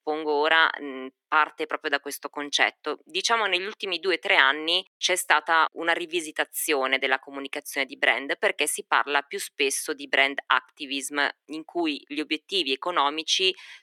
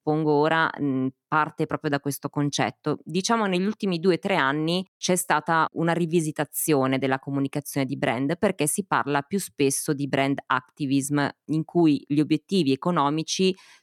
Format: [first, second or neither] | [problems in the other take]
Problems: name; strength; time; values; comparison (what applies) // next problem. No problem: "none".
second | thin; very; fading below 350 Hz